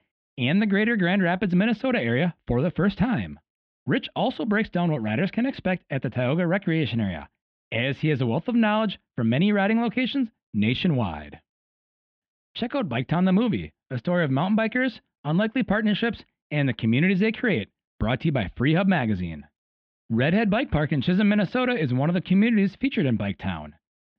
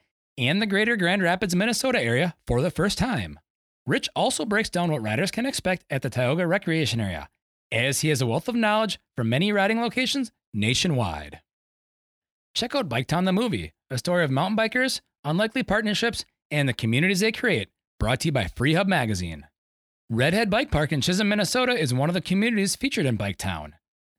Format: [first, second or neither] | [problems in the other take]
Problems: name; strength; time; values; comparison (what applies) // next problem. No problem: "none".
second | muffled; very; fading above 3.5 kHz